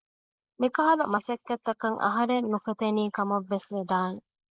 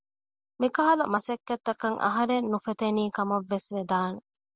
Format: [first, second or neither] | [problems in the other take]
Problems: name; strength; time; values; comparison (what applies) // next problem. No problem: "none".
second | noise reduction (neural mask model Resemble Enhance denoiser)